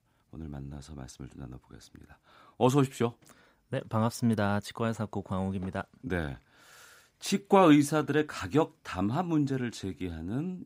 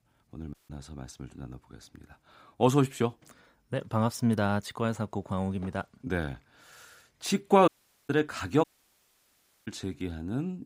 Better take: first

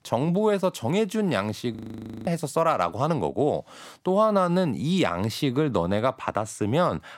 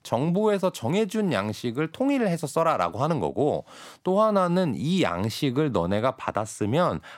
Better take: second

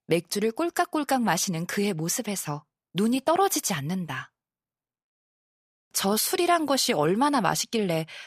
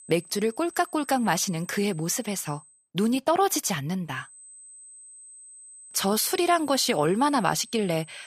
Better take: first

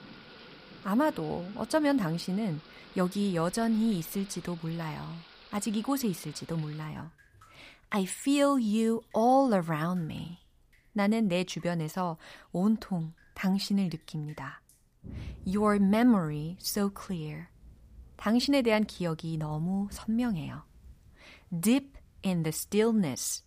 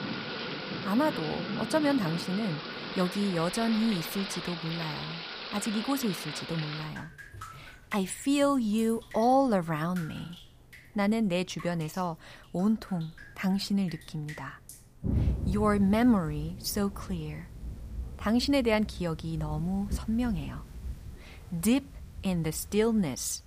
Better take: first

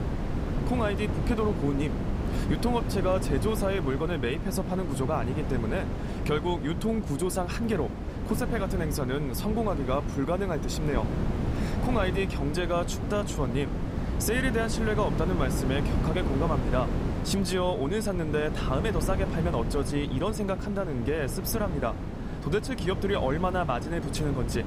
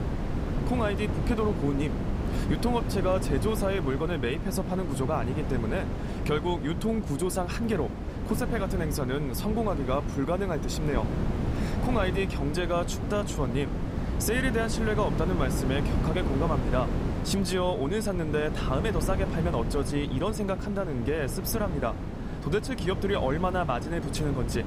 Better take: neither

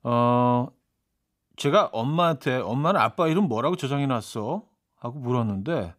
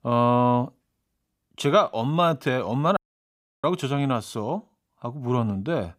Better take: first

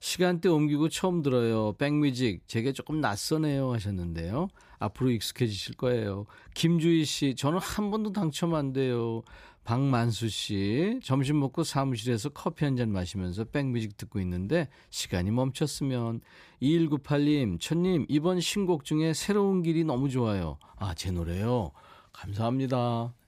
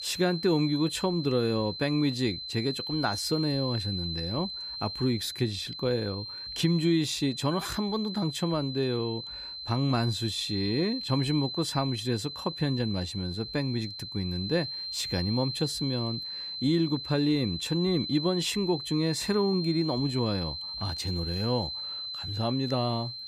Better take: first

